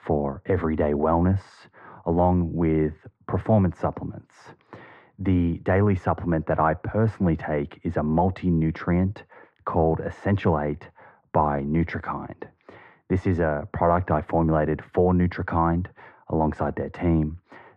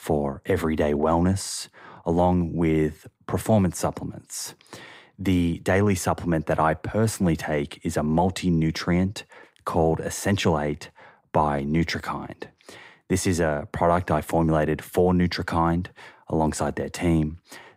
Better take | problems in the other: second | muffled; very; fading above 1.5 kHz

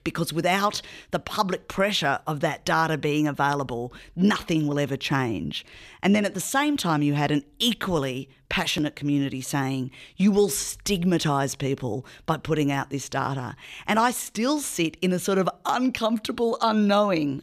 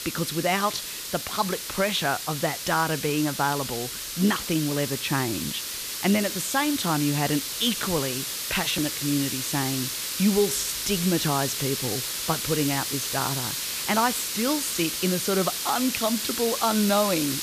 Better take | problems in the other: first | hiss; loud; throughout; 2 dB below the speech

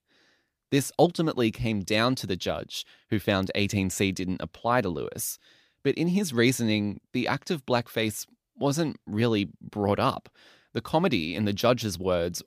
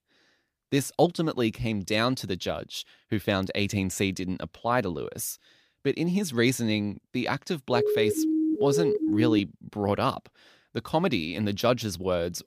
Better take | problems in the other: first | siren; loud; from 7.5 to 9.5 s; peak 3 dB above the speech

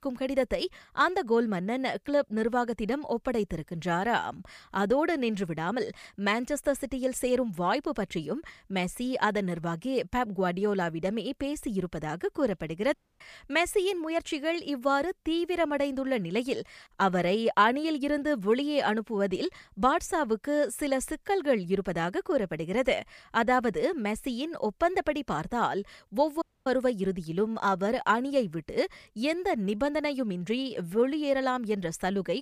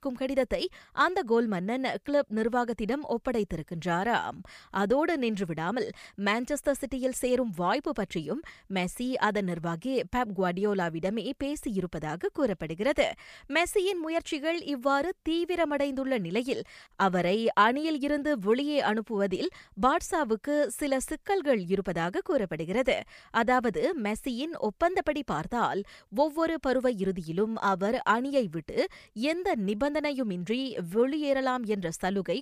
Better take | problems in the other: second | audio cutting out; at 13 s and at 26 s

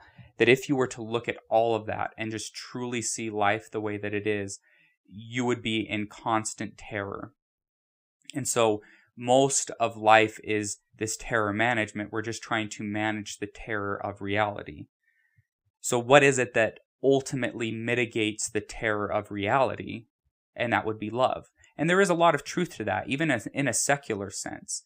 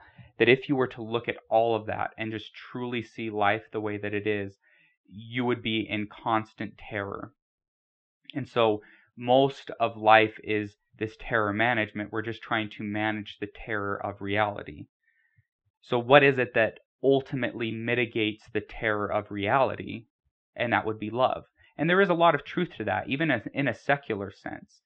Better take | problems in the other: first | muffled; very; fading above 3.5 kHz

